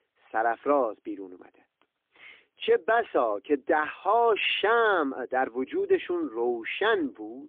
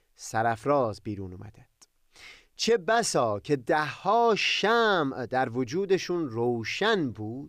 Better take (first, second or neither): second